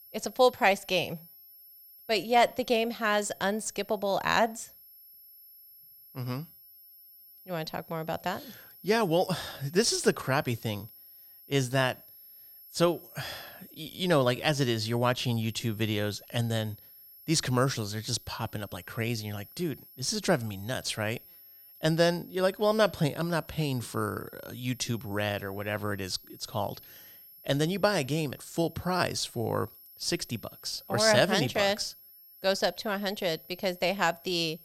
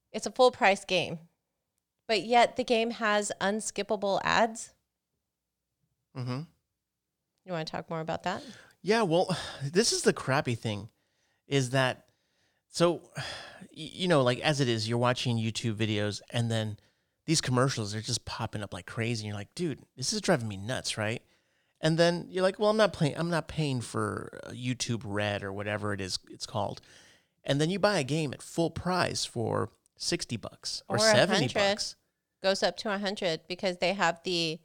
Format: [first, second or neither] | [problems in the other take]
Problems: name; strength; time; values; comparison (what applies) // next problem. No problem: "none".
second | high-pitched whine; faint; throughout; 11.5 kHz, 20 dB below the speech